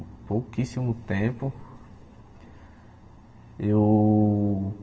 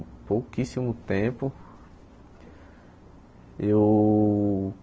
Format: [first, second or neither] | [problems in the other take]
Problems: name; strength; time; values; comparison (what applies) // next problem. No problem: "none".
second | room echo; dies away in 2.4 s